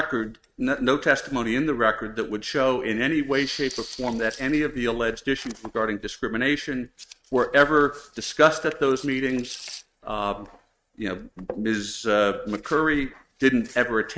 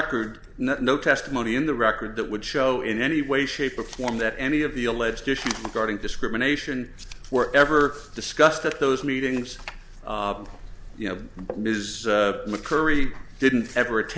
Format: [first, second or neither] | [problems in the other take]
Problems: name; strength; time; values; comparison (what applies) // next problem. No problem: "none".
second | noise reduction (neural mask model RNNoise)